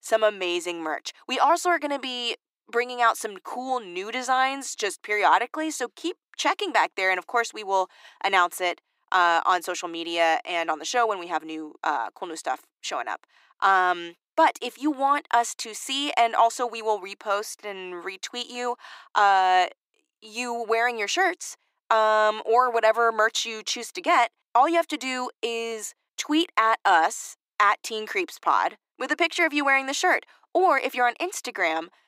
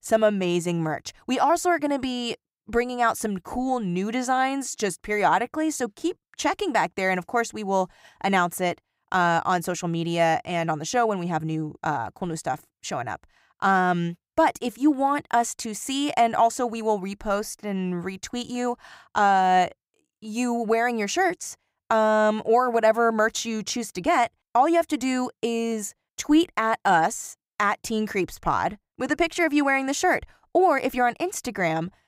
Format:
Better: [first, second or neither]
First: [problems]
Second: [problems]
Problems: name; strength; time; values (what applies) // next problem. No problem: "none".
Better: second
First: thin; somewhat; fading below 300 Hz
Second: none